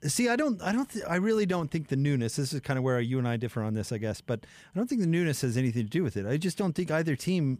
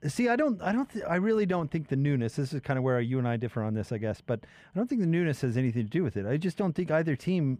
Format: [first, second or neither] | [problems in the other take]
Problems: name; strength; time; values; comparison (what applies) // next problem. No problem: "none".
first | muffled; slightly; fading above 4 kHz